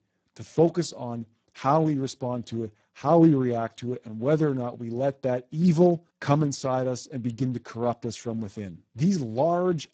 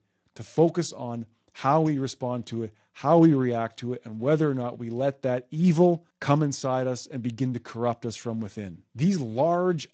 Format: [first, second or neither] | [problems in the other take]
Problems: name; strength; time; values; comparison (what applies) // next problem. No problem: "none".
second | garbled, watery; badly; nothing above 7.5 kHz; slightly in the second